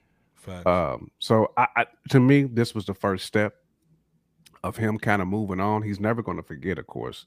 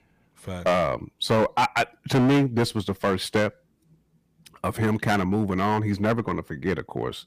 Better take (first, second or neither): first